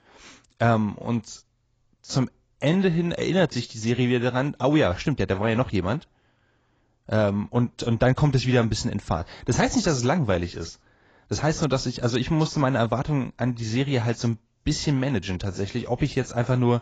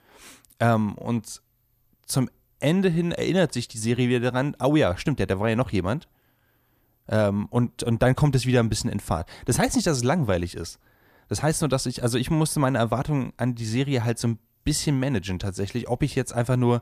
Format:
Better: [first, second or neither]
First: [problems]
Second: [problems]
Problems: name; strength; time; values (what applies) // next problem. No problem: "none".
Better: second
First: garbled, watery; badly; nothing above 7.5 kHz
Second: none